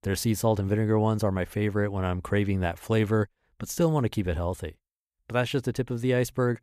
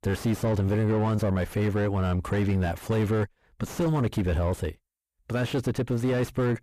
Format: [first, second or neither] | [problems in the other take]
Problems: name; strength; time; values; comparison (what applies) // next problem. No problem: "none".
first | distortion; heavy; 7 dB below the speech